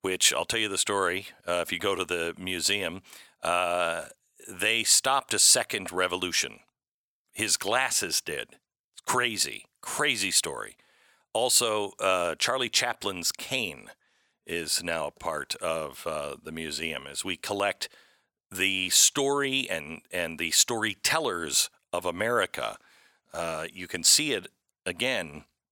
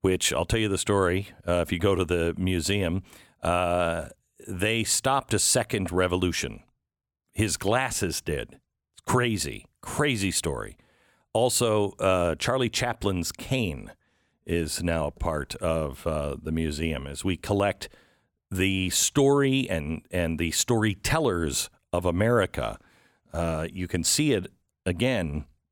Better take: second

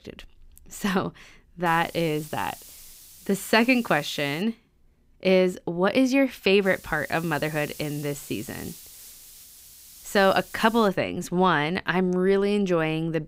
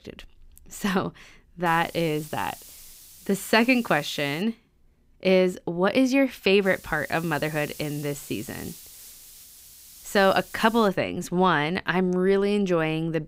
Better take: neither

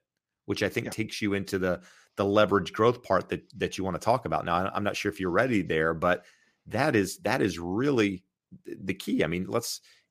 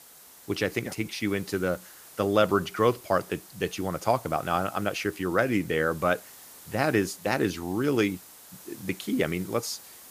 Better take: first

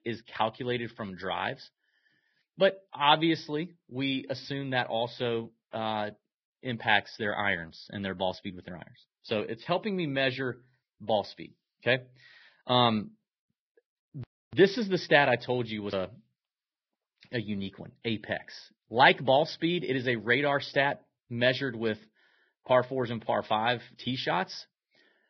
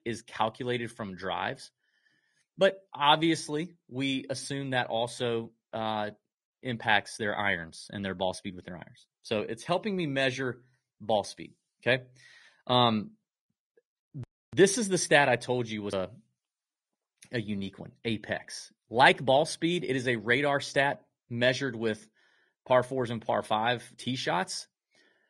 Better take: second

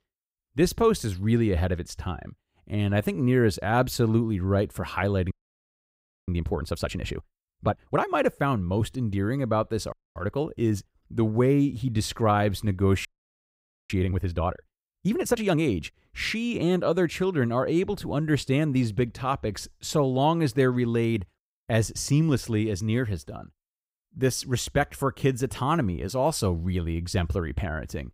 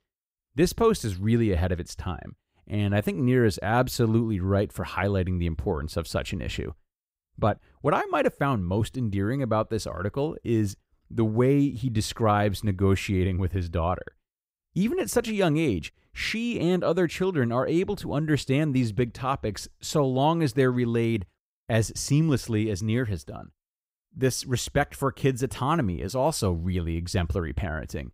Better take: second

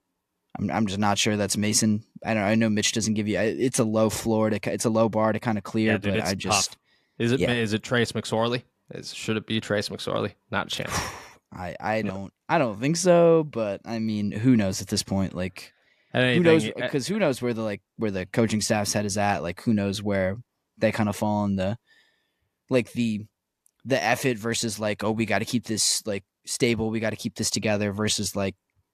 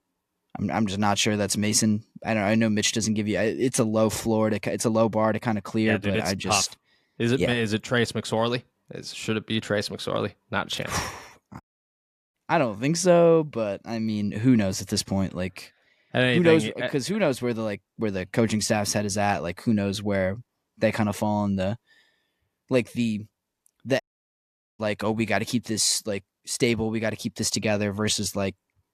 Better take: first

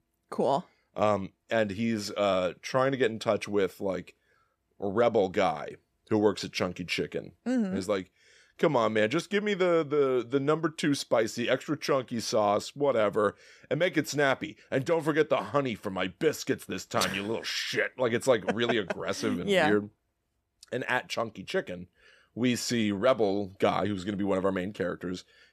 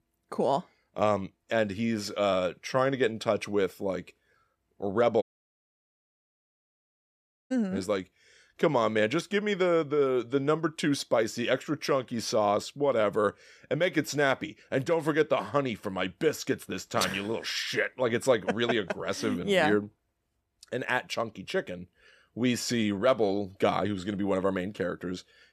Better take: first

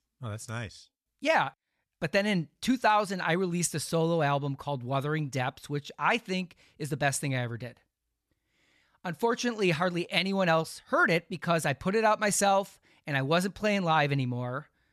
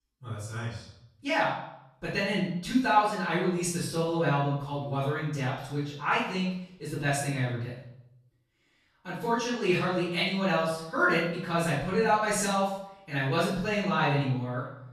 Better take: first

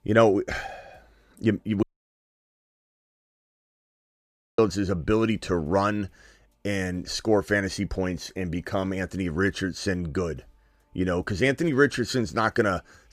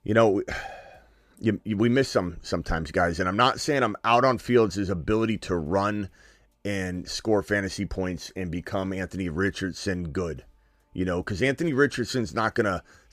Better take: second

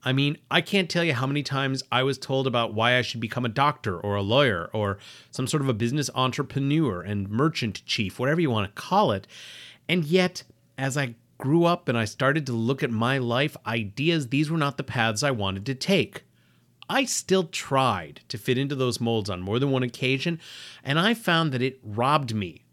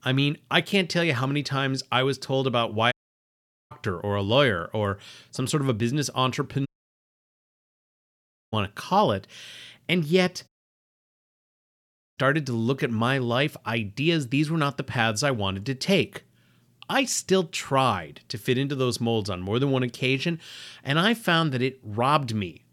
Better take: first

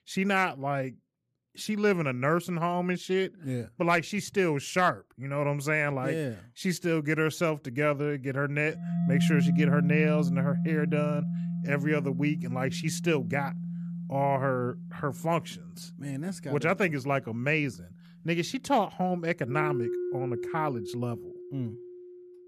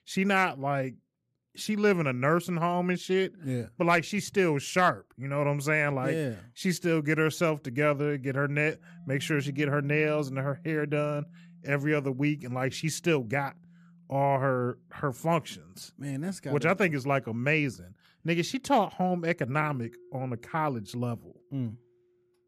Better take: second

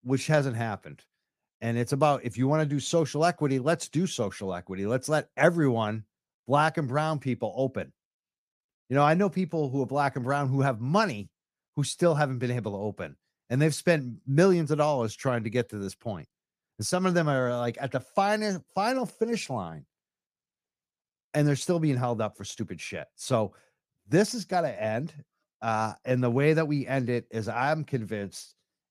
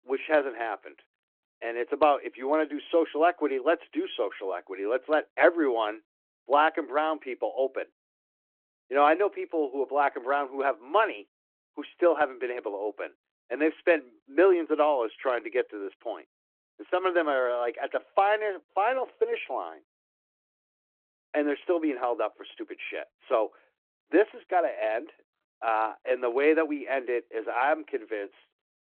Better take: first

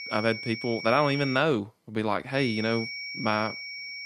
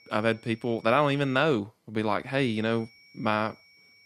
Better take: second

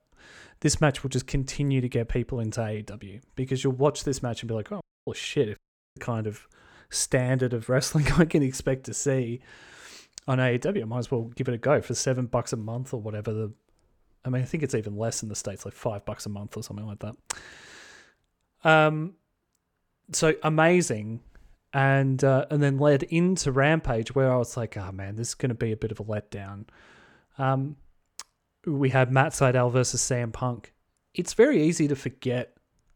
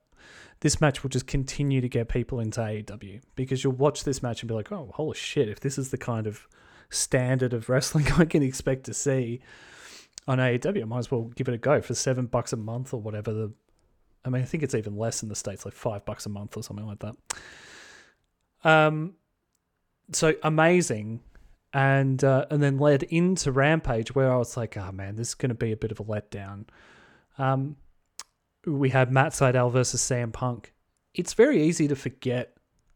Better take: second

